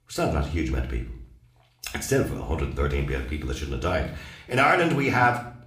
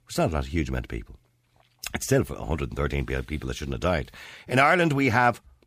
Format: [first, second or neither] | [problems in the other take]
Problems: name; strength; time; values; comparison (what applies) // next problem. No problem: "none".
second | room echo; slight; dies away in 0.5 s